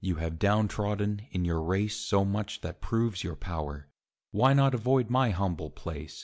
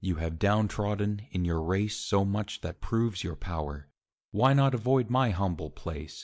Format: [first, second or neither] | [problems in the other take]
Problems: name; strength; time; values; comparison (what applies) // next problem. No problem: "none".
first | noise reduction (neural mask model Resemble Enhance denoiser)